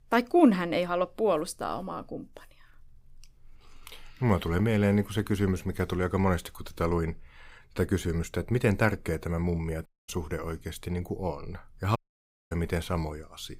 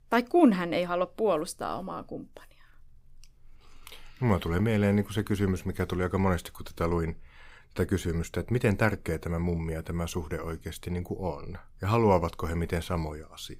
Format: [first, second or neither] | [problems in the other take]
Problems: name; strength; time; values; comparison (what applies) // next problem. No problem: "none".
second | audio cutting out; at 10 s and at 12 s for 0.5 s